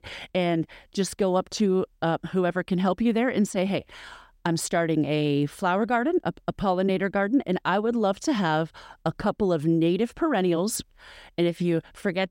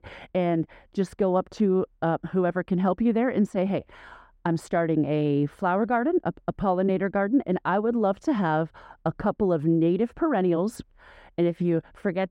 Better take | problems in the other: first | muffled; slightly; fading above 2.5 kHz

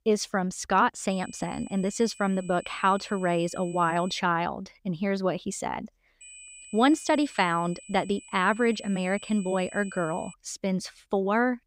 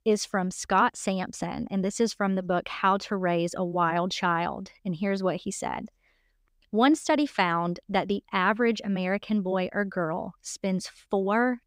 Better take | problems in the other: second | high-pitched whine; noticeable; from 1 to 4 s and from 6 to 10 s; 8 kHz, 20 dB below the speech

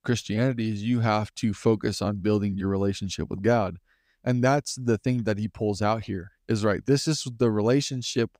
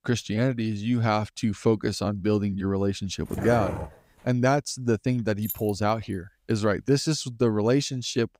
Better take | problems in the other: first | dog barking; noticeable; at 3.5 s; peak 5 dB below the speech // jangling keys; noticeable; at 5.5 s; peak 9 dB below the speech

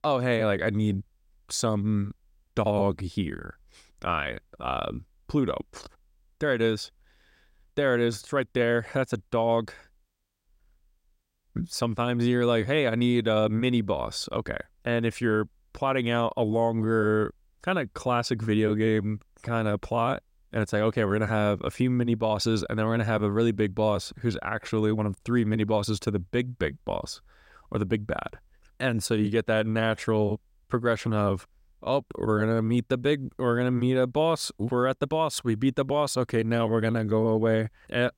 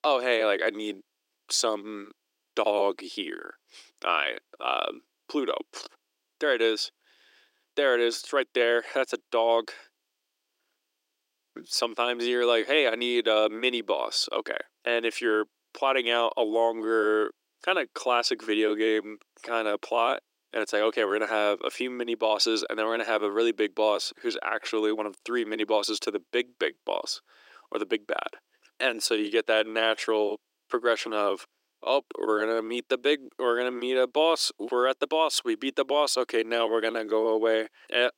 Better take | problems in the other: first | thin; very; fading below 300 Hz

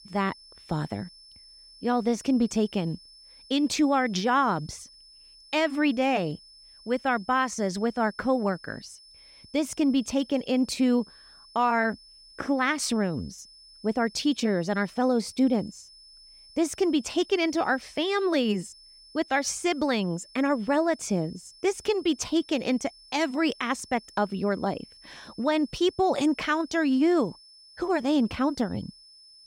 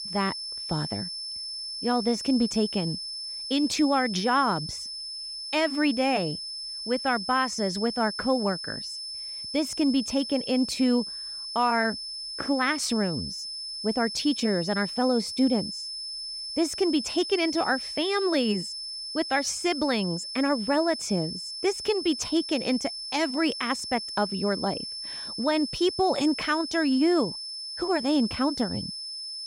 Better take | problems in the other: first | high-pitched whine; loud; throughout; 5.5 kHz, 6 dB below the speech; faint in the first

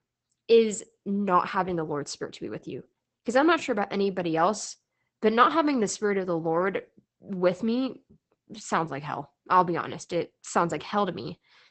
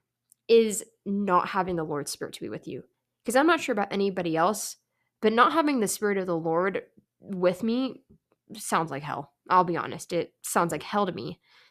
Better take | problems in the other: second | garbled, watery; badly; nothing above 8 kHz

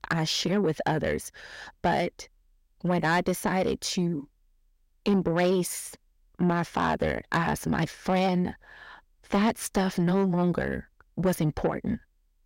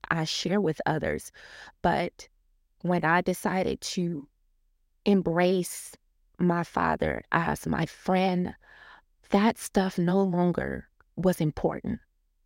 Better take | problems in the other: second | distortion; slight; 10 dB below the speech

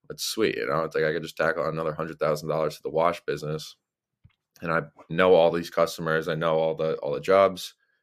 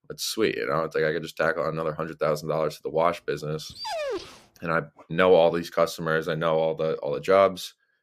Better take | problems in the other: first | dog barking; noticeable; at 3.5 s; peak 5 dB below the speech

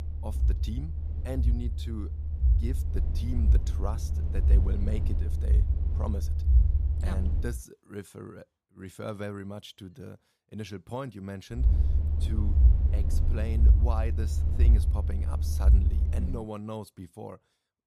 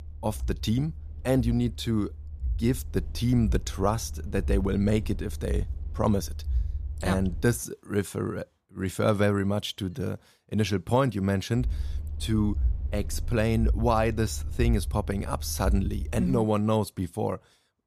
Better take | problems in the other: second | low rumble; loud; until 7.5 s and from 12 to 16 s; 3 dB below the speech; faint in the second

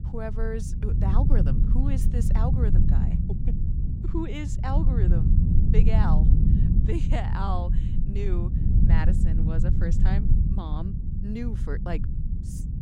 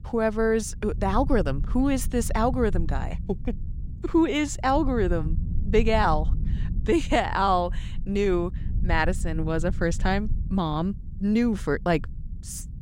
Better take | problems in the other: second | low rumble; loud; throughout; 2 dB below the speech; faint in the second

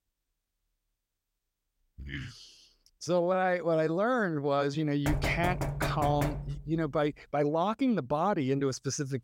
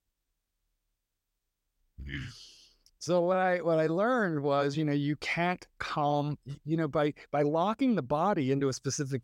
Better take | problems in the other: second | door banging; noticeable; from 5 to 6.5 s; peak 3 dB below the speech

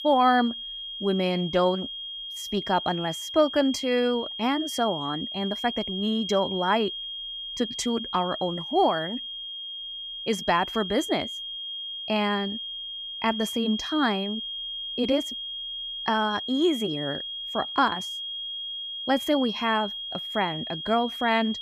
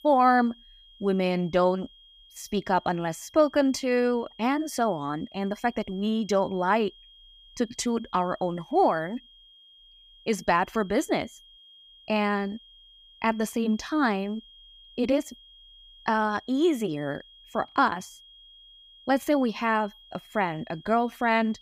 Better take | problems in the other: second | high-pitched whine; loud; throughout; 3 kHz, 6 dB below the speech; faint in the second

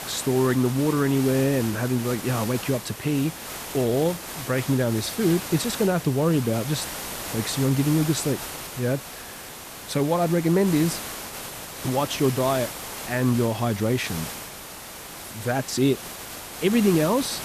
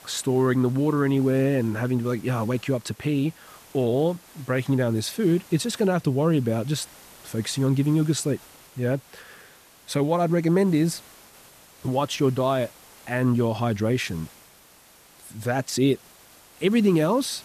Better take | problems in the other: second | hiss; loud; throughout; 9 dB below the speech; faint in the second

